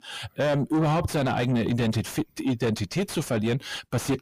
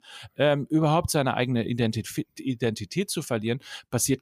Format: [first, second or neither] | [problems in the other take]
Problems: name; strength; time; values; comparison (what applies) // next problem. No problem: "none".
second | distortion; heavy; 5 dB below the speech